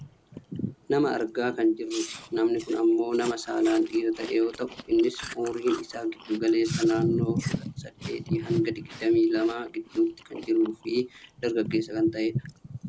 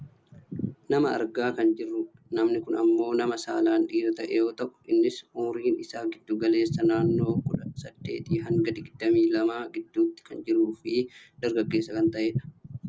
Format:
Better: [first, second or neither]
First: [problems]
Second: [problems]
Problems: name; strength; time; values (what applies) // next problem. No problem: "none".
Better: second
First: background sound (Chewing, mastication); 18 dB below the speech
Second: none